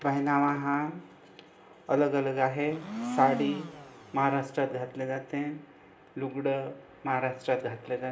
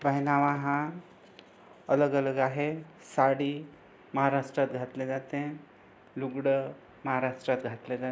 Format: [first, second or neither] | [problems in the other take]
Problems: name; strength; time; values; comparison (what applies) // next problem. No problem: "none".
second | background sound (Domestic sounds, home sounds); 7 dB below the speech // room echo; dies away in 0.8 s